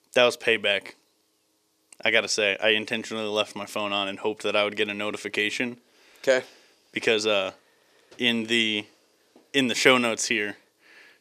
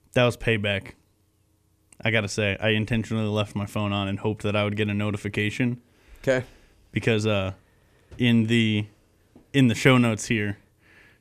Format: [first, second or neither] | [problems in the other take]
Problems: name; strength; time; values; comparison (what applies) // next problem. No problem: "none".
second | thin; somewhat; fading below 400 Hz